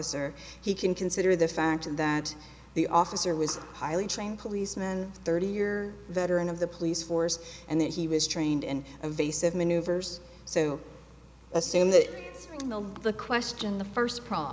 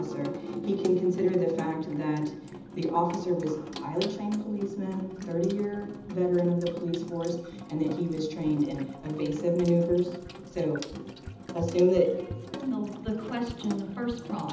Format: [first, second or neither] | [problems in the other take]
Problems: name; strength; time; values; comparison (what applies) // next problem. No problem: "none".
first | background sound (Sink (filling or washing) / Water tap, faucet); 11 dB below the speech // room echo; dies away in 0.8 s